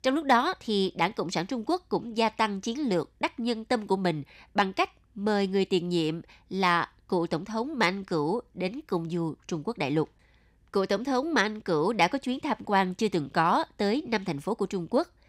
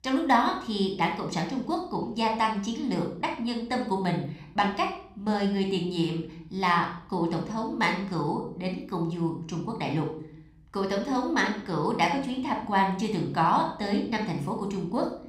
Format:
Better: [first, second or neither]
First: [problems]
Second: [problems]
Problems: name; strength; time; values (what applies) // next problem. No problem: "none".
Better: first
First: none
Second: room echo; slight; dies away in 0.5 s